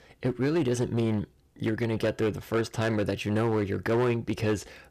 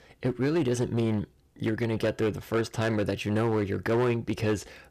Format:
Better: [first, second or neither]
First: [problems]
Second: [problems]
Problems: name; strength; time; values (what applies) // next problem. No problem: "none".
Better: neither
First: distortion; slight; 9% of the sound clipped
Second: distortion; slight; 9% of the sound clipped